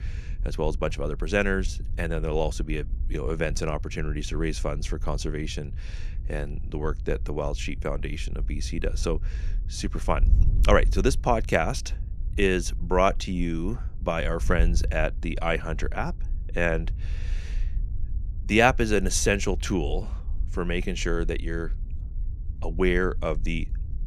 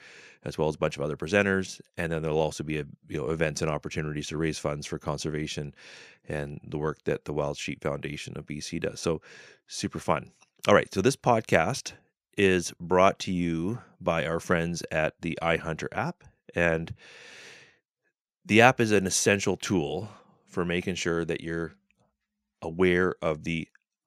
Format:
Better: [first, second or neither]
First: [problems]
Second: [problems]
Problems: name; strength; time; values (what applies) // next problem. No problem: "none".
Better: second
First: wind noise on the microphone; occasional gusts; 25 dB below the speech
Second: none